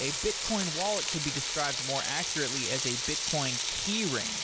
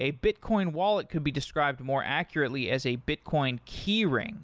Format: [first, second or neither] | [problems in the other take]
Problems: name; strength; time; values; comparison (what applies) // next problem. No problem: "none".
second | background sound (Frying (food)); 2 dB above the speech